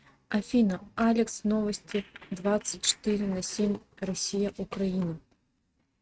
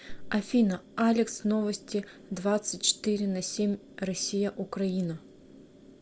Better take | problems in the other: second | noise reduction (neural mask model RNNoise)

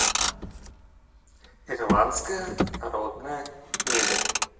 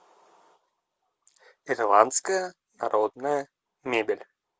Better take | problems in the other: second | background sound (Motor vehicle (road)); 2 dB above the speech // room echo; dies away in 0.9 s

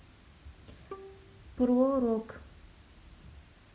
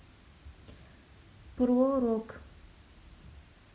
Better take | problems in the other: second | background sound (Bowed string instrument); 20 dB below the speech

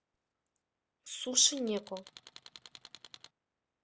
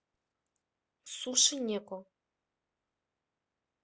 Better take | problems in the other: second | background sound (Tools); 17 dB below the speech

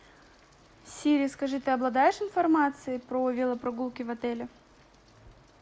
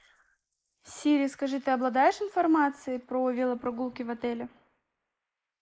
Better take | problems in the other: first | noise reduction (neural mask model Resemble Enhance denoiser)

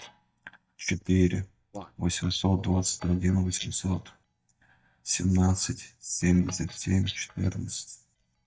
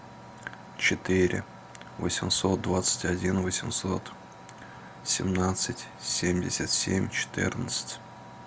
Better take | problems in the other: second | noise reduction (neural mask model DeepFilterNet 3)

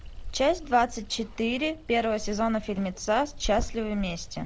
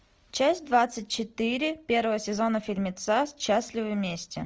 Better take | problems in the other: second | background sound (Water); 10 dB below the speech

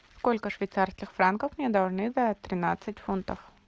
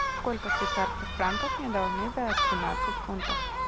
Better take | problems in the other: first | background sound (Gull, seagull); 3 dB above the speech

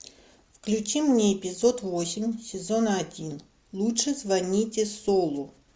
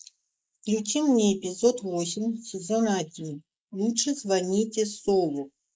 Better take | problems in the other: first | noise reduction (neural mask model Resemble Enhance denoiser)

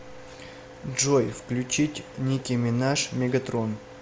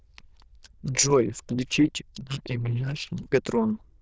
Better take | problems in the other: first | noise reduction (neural diffusion model UNIVERSE++)

